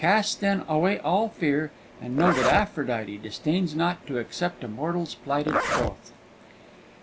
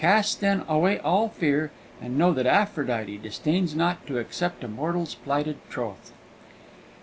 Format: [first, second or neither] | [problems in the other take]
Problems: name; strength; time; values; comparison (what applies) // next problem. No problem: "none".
second | background sound (Zipper (clothing)); 4 dB below the speech